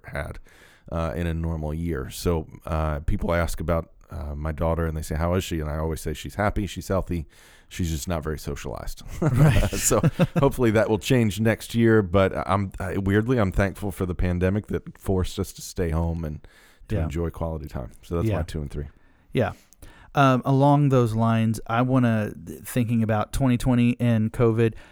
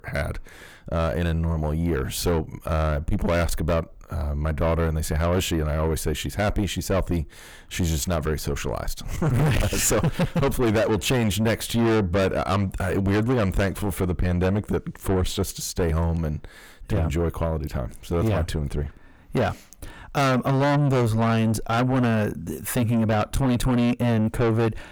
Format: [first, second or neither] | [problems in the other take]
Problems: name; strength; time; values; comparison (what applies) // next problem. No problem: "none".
first | distortion; heavy; 6 dB below the speech